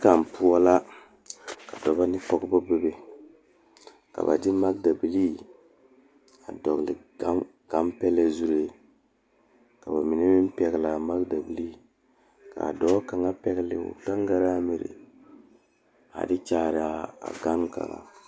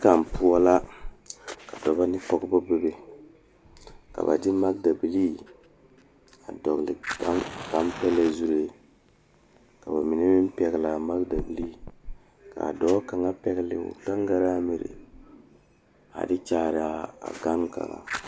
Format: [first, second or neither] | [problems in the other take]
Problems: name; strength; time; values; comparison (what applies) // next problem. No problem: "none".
first | background sound (Fire); 17 dB below the speech